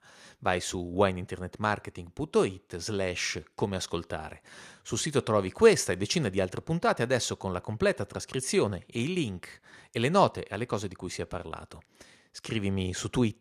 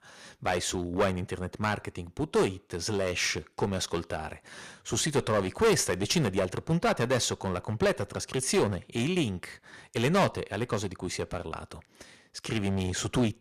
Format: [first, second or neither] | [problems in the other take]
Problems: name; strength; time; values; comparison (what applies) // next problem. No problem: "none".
first | distortion; heavy; 6% of the sound clipped